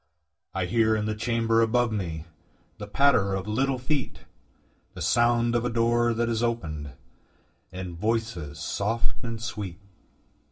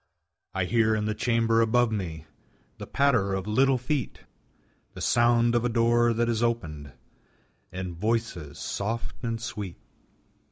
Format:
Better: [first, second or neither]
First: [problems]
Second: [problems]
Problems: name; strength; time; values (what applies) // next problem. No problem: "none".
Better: second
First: room echo; dies away in 0.2 s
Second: none